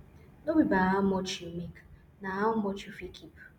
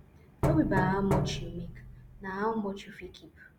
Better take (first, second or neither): first